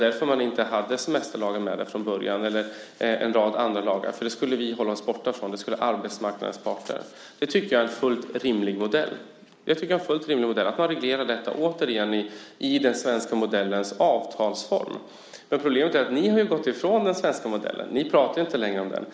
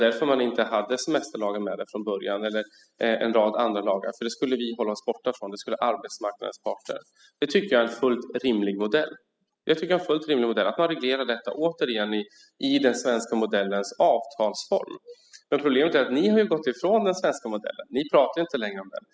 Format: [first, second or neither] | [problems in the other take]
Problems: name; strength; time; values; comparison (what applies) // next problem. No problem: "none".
first | noise reduction (classical method spectral subtraction)